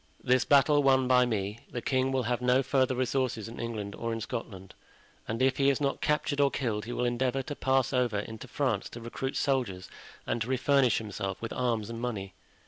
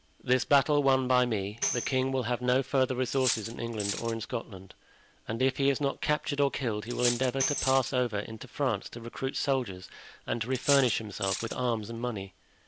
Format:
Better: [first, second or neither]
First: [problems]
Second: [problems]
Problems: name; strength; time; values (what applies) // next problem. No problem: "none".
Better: first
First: none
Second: background sound (Tambourine + Cutlery, silverware); 7 dB below the speech